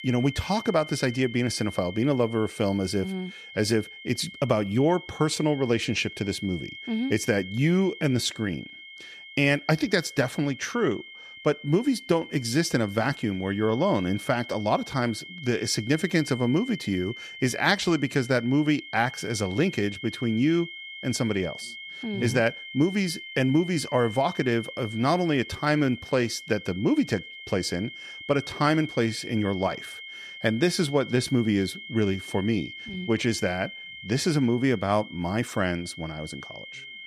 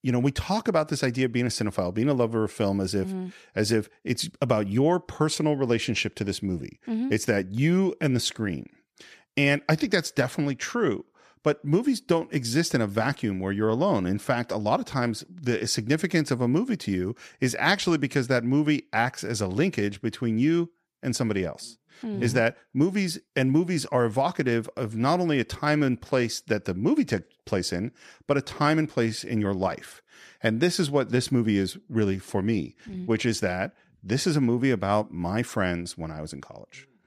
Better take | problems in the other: second | high-pitched whine; noticeable; throughout; 2 kHz, 15 dB below the speech

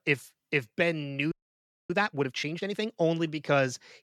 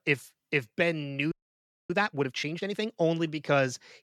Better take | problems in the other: neither | audio freezing; at 1.5 s for 0.5 s; the same in both

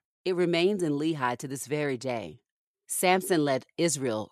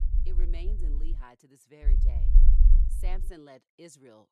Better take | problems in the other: first | low rumble; loud; until 1 s and from 2 to 3.5 s; 1 dB below the speech

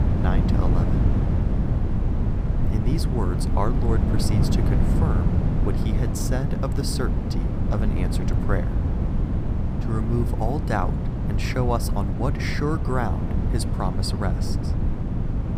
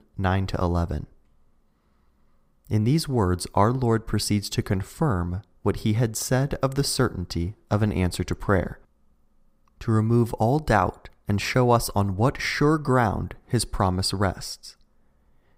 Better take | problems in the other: second | wind noise on the microphone; heavy; 3 dB below the speech

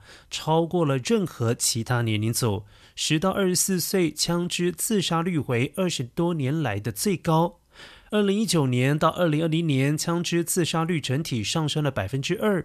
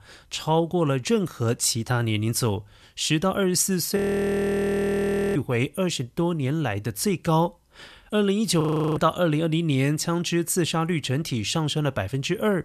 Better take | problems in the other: first | audio freezing; at 4 s for 1.5 s and at 8.5 s

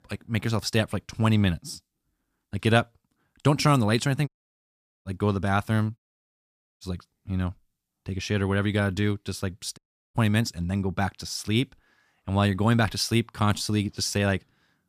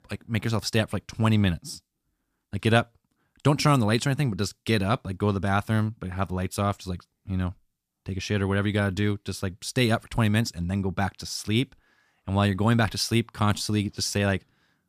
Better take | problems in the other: second | audio cutting out; at 4.5 s for 1 s, at 6 s for 1 s and at 10 s

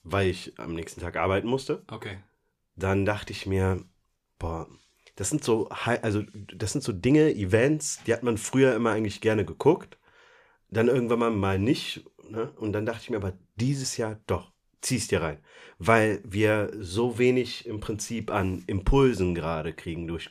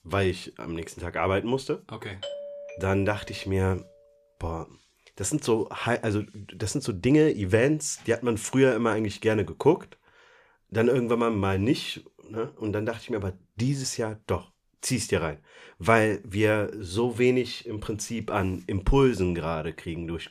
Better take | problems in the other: first | doorbell; noticeable; from 2 to 3.5 s; peak 10 dB below the speech

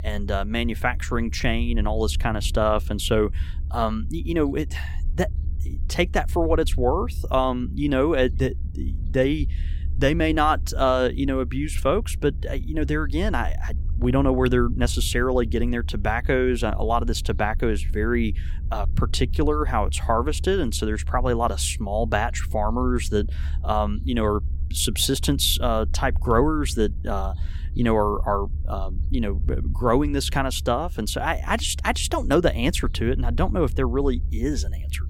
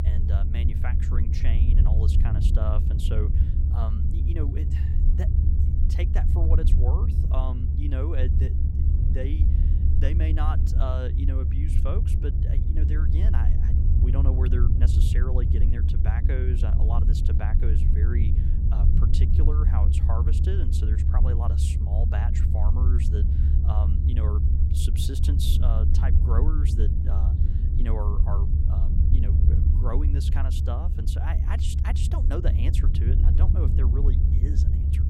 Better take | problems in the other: first | low rumble; loud; throughout; 1 dB below the speech; faint in the first

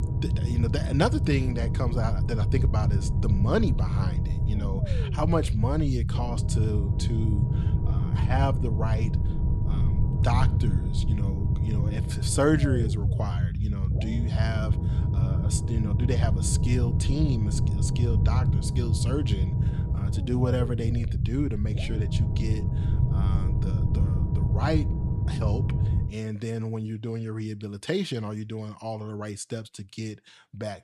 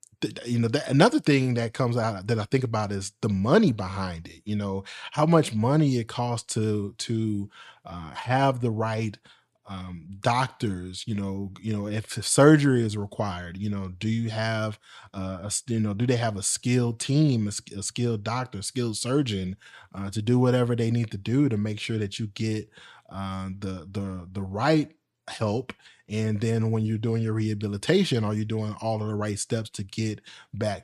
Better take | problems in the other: second | low rumble; loud; until 26 s; 5 dB below the speech

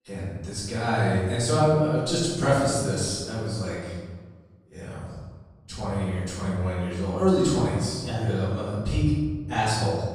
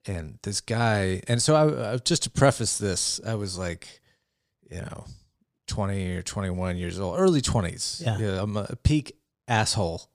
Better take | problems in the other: second | off-mic speech; far // room echo; strong; dies away in 1.3 s

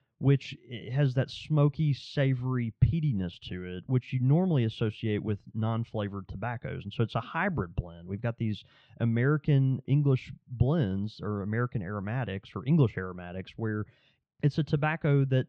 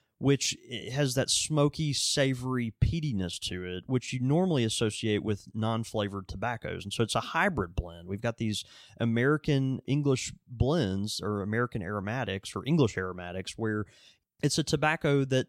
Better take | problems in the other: second | muffled; very; fading above 3 kHz

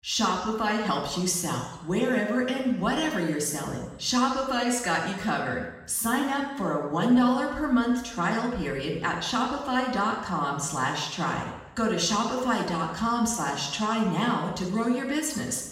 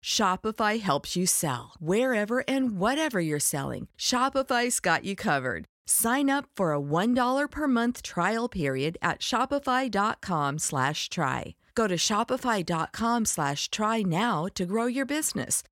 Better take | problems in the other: second | room echo; noticeable; dies away in 0.9 s // off-mic speech; far

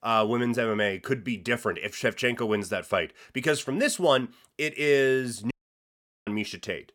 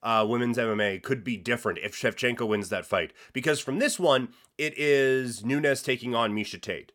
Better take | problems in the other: second | audio cutting out; at 5.5 s for 1 s

